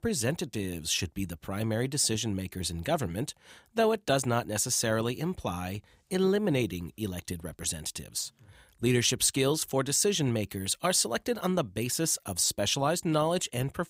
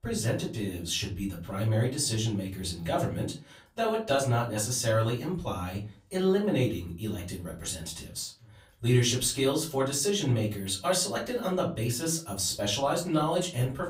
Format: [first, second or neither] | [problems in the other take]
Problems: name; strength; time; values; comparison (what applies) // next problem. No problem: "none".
first | off-mic speech; far // room echo; slight; dies away in 0.3 s